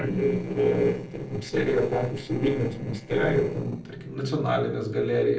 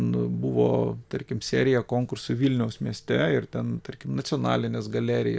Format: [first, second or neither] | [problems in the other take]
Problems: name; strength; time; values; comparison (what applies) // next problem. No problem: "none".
second | noise reduction (neural separator model SepFormer DNS4)